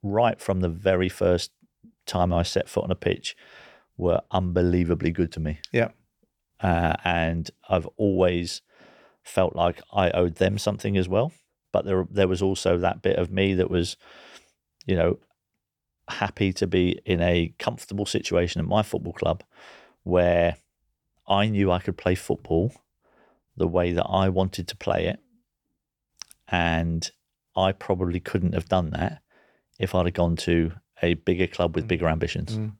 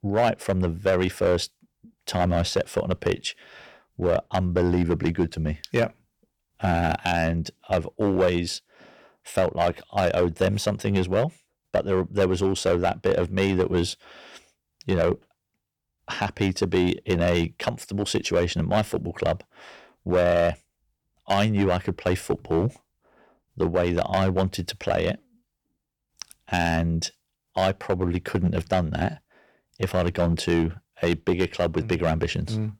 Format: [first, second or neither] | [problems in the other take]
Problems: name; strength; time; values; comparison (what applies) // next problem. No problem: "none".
first | distortion; slight; 3% of the sound clipped